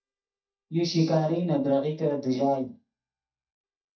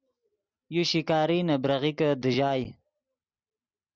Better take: second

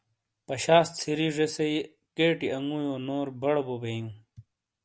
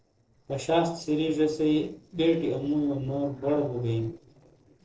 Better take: first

